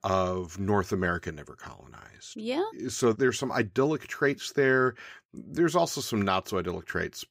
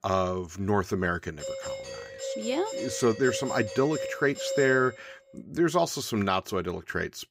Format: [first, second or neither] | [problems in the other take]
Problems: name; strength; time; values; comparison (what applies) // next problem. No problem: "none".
first | doorbell; noticeable; from 1.5 to 5 s; peak 4 dB below the speech